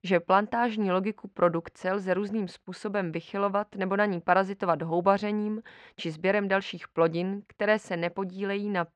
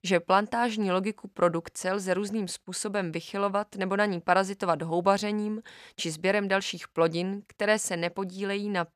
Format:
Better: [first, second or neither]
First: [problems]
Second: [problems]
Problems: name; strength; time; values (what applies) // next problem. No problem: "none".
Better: second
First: muffled; slightly; fading above 2.5 kHz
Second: none